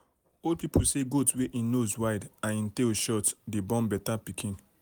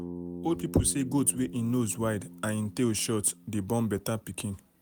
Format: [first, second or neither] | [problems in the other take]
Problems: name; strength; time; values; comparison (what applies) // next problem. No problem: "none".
first | background sound (Bass guitar); 13 dB below the speech